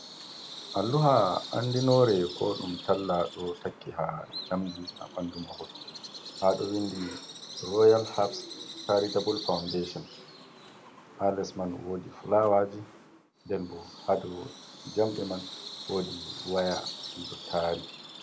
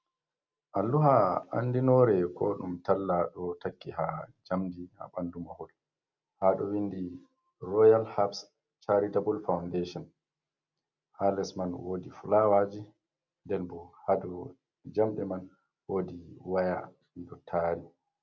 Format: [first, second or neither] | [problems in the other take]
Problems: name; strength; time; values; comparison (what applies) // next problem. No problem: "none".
second | background sound (Bird vocalization, bird call, bird song); 13 dB below the speech